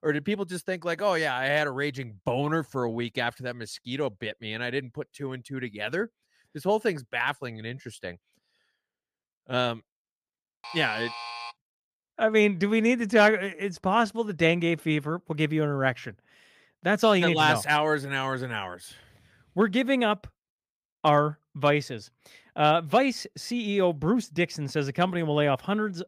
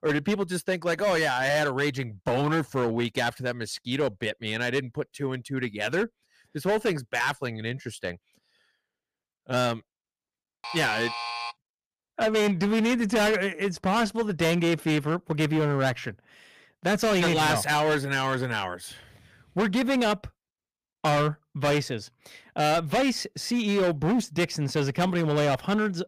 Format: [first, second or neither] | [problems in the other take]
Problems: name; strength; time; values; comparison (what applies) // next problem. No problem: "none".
first | distortion; heavy; 12% of the sound clipped